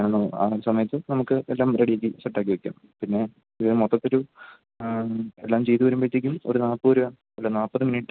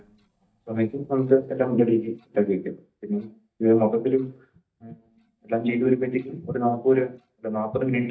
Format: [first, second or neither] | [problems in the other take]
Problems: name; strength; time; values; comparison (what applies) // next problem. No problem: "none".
first | noise reduction (neural mask model DeepFilterNet 3)